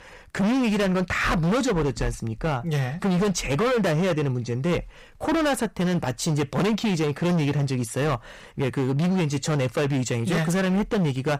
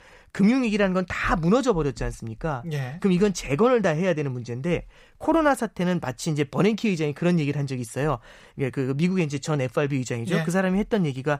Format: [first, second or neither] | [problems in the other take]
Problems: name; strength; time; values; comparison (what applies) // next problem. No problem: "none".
second | distortion; heavy; 24% of the sound clipped